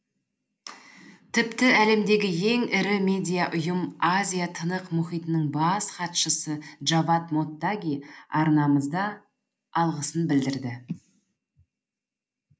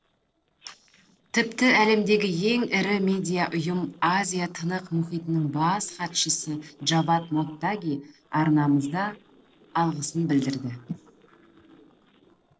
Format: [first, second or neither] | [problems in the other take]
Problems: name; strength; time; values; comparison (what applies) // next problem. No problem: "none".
first | noise reduction (neural separator model SepFormer DNS4)